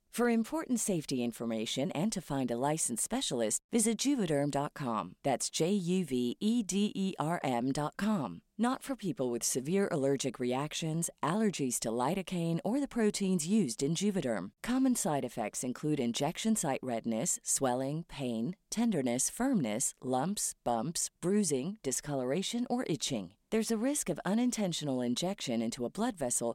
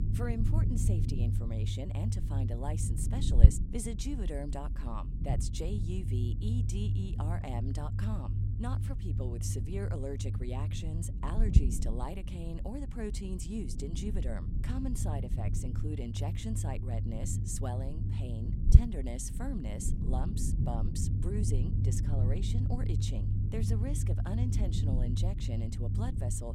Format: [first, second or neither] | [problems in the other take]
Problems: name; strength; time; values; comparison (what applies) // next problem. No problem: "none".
first | low rumble; loud; throughout; 3 dB below the speech